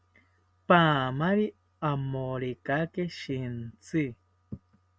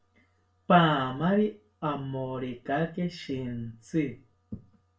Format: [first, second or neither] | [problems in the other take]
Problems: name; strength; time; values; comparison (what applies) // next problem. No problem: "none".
first | room echo; dies away in 0.3 s